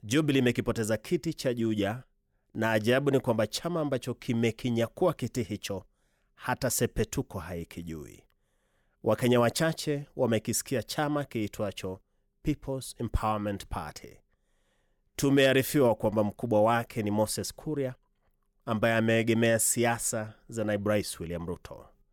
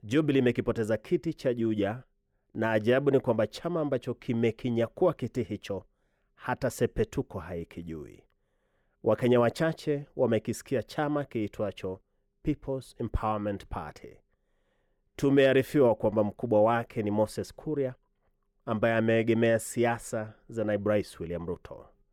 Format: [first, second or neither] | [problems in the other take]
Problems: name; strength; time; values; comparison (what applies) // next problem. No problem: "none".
first | muffled; slightly; fading above 3.5 kHz